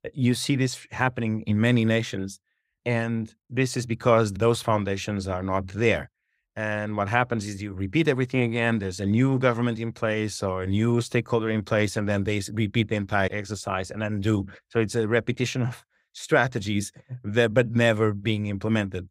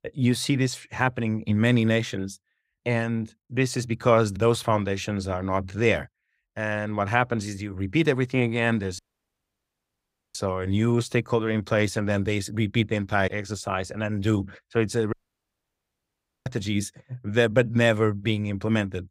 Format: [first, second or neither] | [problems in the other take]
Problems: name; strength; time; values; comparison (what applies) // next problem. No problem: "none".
first | audio cutting out; at 9 s for 1.5 s and at 15 s for 1.5 s